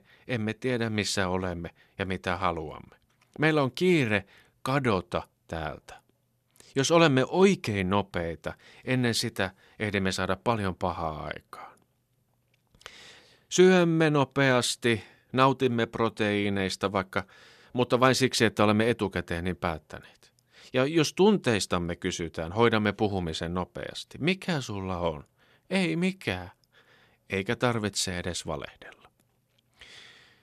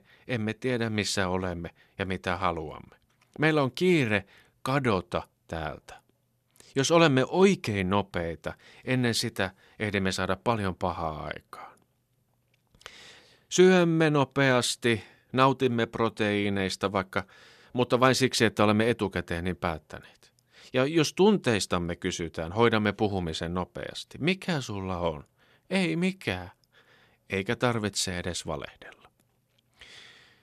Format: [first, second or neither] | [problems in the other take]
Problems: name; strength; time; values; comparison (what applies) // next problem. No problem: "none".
neither | none